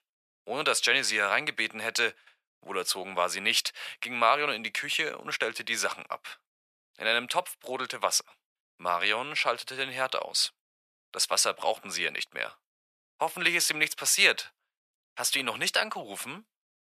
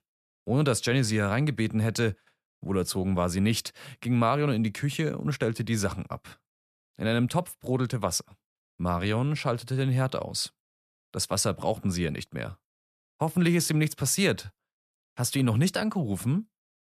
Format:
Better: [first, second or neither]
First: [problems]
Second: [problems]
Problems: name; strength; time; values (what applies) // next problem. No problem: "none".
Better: second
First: thin; very; fading below 700 Hz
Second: none